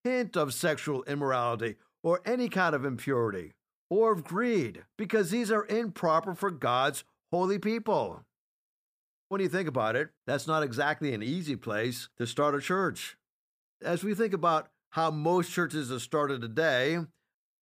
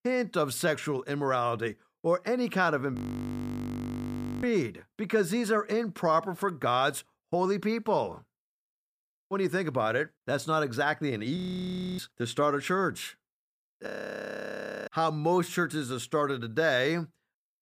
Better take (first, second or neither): first